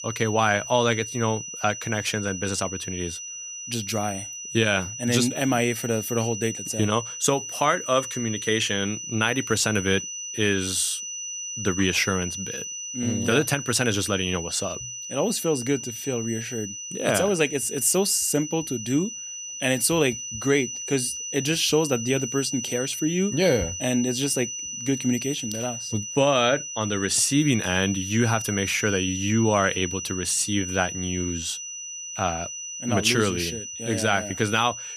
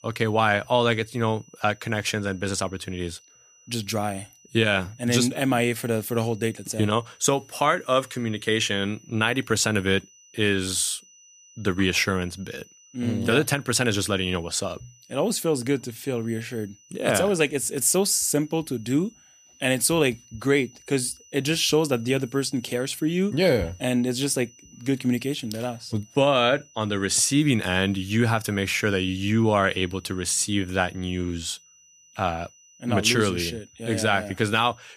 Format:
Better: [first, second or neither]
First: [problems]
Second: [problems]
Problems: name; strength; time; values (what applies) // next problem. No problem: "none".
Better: second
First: high-pitched whine; loud; throughout; 6 kHz, 7 dB below the speech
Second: high-pitched whine; faint; throughout; 6 kHz, 25 dB below the speech